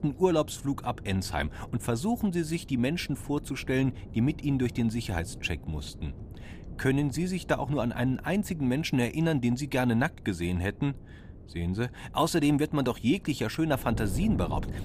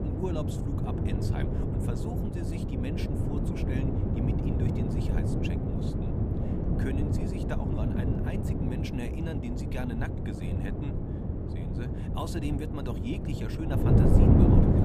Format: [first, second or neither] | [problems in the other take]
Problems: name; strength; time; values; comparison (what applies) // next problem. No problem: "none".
first | wind noise on the microphone; heavy; 5 dB above the speech; occasional gusts in the first